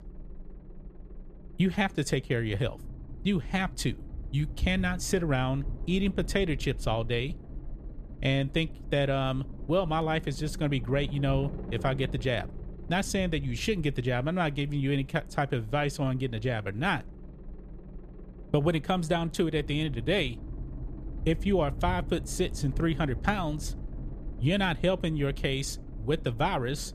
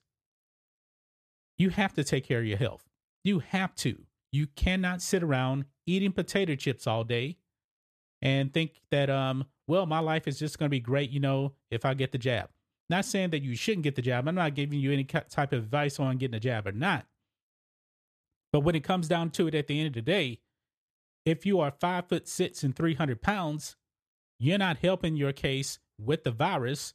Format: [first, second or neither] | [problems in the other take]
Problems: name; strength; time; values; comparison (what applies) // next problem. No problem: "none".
second | low rumble; faint; throughout; 20 dB below the speech